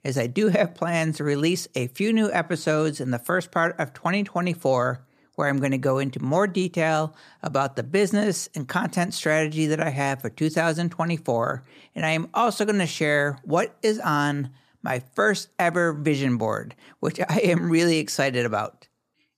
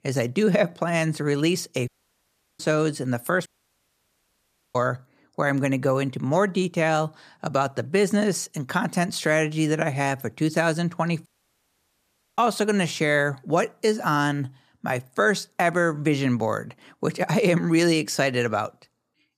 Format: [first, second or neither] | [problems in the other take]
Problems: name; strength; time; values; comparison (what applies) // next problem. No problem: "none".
first | audio cutting out; at 2 s for 0.5 s, at 3.5 s for 1.5 s and at 11 s for 1 s